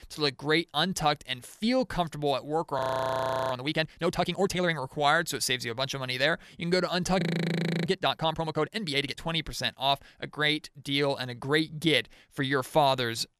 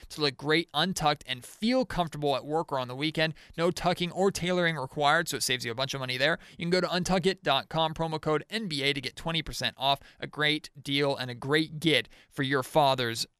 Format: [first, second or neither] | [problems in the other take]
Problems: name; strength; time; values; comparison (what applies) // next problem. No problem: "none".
second | audio freezing; at 3 s for 0.5 s and at 7 s for 0.5 s